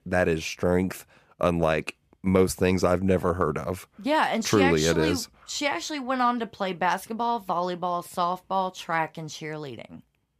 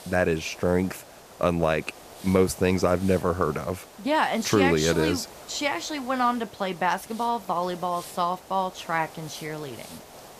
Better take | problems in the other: first | hiss; noticeable; throughout; 20 dB below the speech

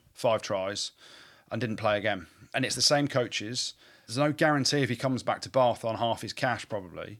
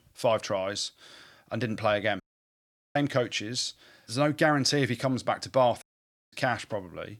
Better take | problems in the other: first | audio cutting out; at 2 s for 1 s and at 6 s for 0.5 s

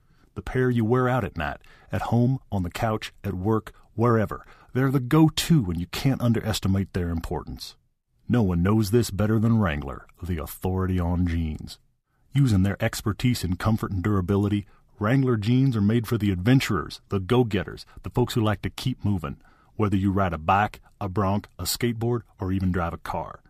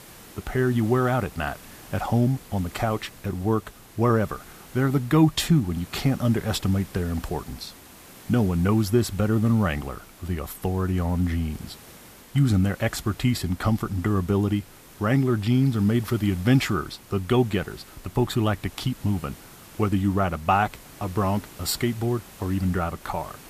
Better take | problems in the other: first | hiss; faint; throughout; 20 dB below the speech

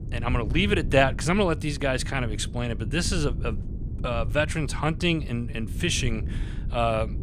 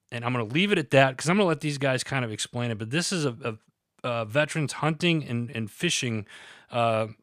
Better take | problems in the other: second | wind noise on the microphone; occasional gusts; 20 dB below the speech

